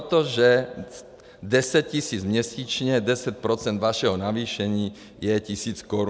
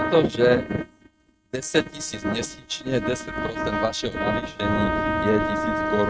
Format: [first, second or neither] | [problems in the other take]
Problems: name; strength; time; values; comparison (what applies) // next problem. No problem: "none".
first | noise reduction (neural mask model RNNoise)